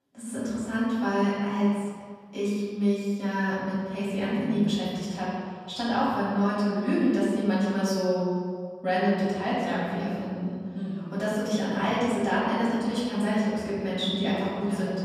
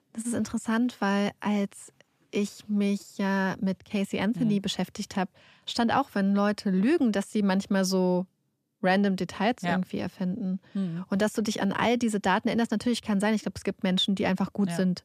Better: second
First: off-mic speech; far // room echo; strong; dies away in 1.9 s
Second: none

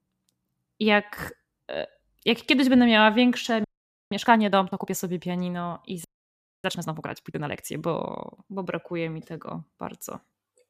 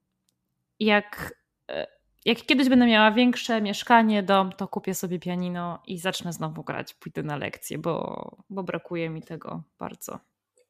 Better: second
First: audio freezing; at 3.5 s and at 6 s for 0.5 s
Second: none

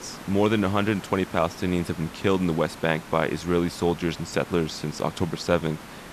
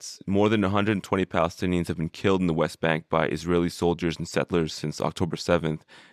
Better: second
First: hiss; noticeable; throughout; 15 dB below the speech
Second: none

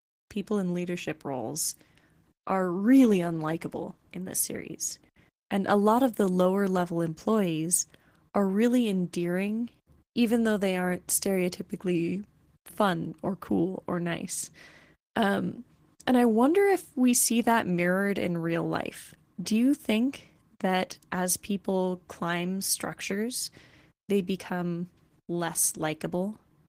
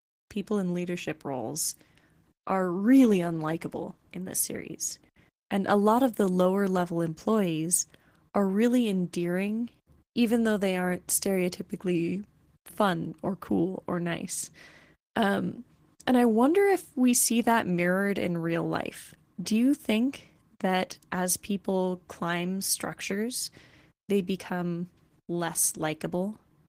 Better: neither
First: garbled, watery; slightly; nothing above 15.5 kHz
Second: garbled, watery; slightly; nothing above 15.5 kHz

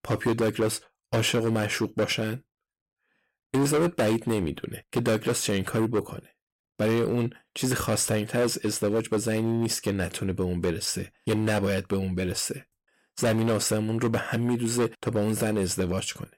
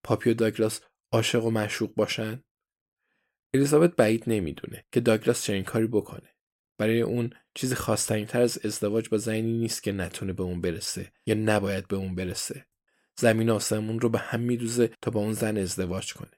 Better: second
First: distortion; heavy; 11% of the sound clipped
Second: none

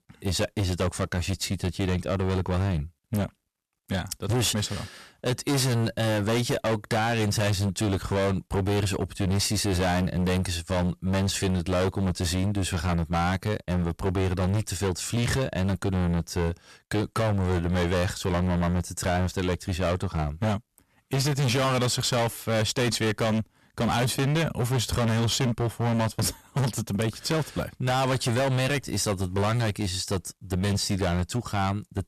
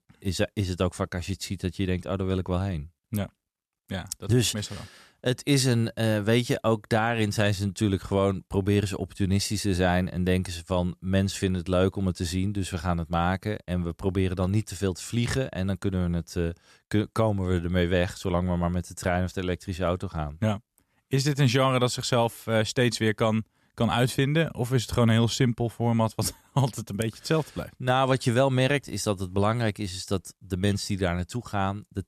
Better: second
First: distortion; heavy; 25% of the sound clipped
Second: none

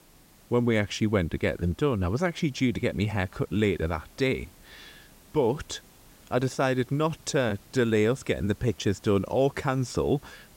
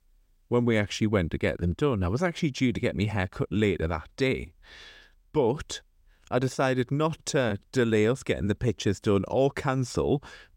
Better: second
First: hiss; faint; throughout; 25 dB below the speech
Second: none

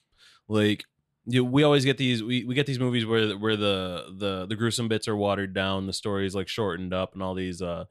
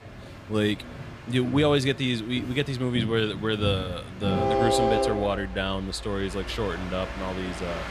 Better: first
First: none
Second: train or aircraft noise; loud; throughout; 3 dB below the speech

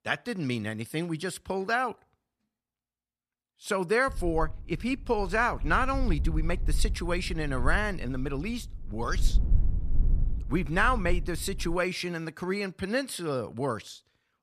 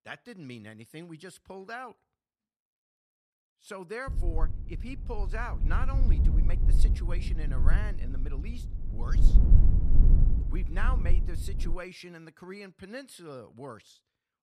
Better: first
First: low rumble; faint; from 4 to 12 s; 25 dB below the speech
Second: low rumble; loud; from 4 to 12 s; 5 dB below the speech

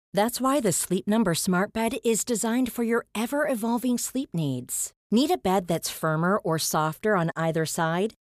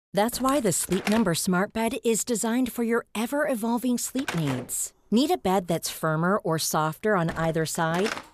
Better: first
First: none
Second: door banging; noticeable; peak 7 dB below the speech

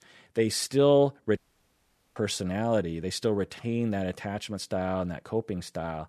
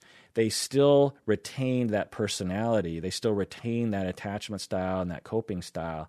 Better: second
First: audio cutting out; at 1.5 s for 1 s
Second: none

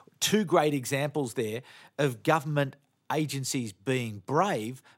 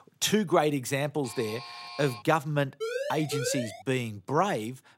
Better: first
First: none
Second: alarm; faint; at 1 s; peak 10 dB below the speech // siren; noticeable; from 3 to 4 s; peak 4 dB below the speech

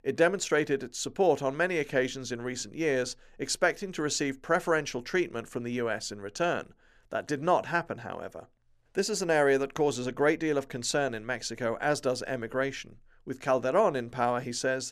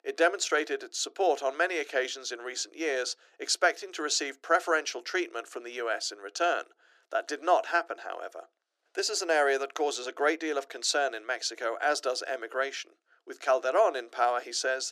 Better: first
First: none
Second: thin; very; fading below 300 Hz

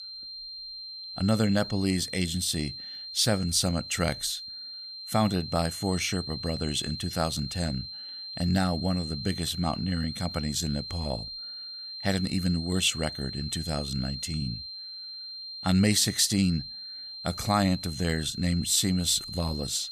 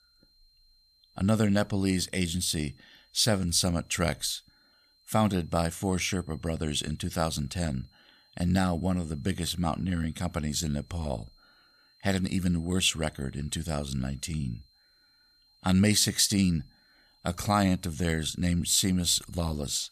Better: second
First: high-pitched whine; loud; throughout; 4 kHz, 9 dB below the speech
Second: high-pitched whine; faint; throughout; 4 kHz, 35 dB below the speech

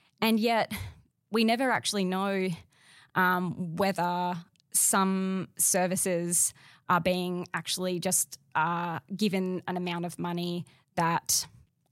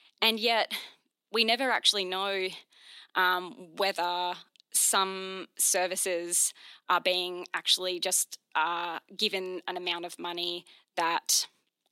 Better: first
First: none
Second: thin; somewhat; fading below 250 Hz

